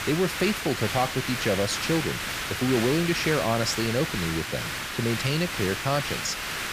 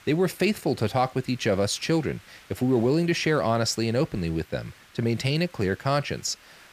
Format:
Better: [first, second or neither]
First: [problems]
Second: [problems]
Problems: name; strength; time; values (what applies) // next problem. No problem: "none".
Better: second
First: hiss; loud; throughout; 3 dB below the speech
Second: hiss; faint; throughout; 25 dB below the speech